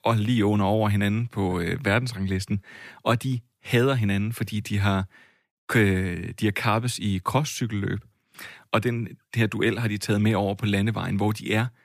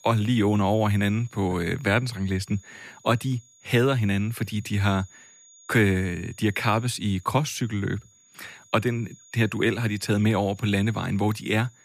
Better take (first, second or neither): first